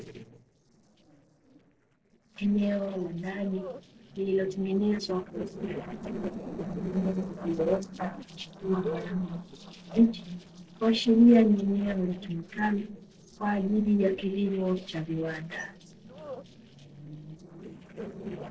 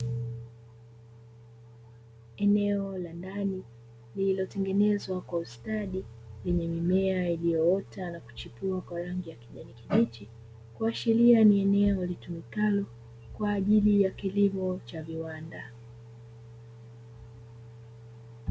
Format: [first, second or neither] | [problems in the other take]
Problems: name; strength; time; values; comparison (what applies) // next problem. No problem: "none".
second | noise reduction (neural separator model SepFormer DNS4)